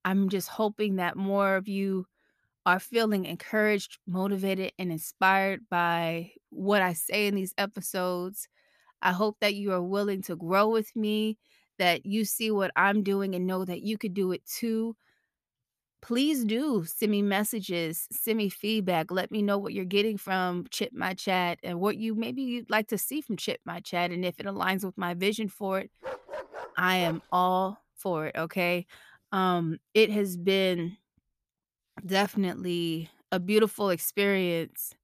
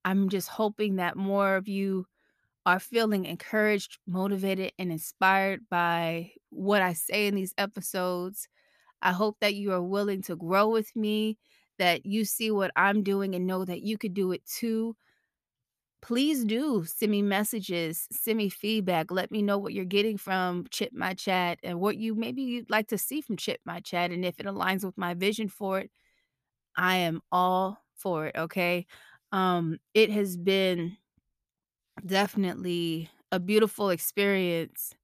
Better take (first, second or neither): second